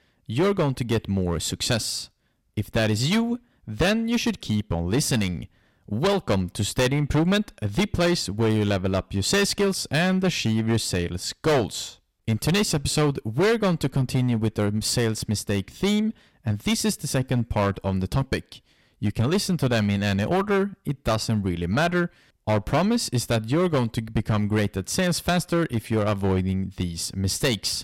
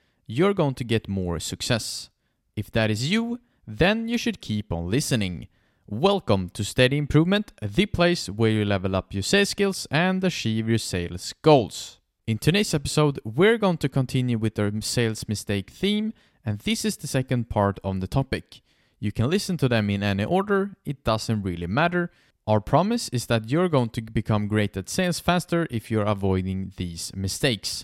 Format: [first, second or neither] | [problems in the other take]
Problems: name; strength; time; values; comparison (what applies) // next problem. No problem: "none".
second | distortion; heavy; 9% of the sound clipped